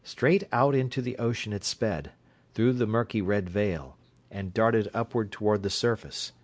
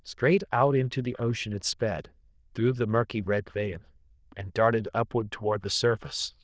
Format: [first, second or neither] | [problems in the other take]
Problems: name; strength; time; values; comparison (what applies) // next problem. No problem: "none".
first | noise reduction (neural diffusion model UNIVERSE++)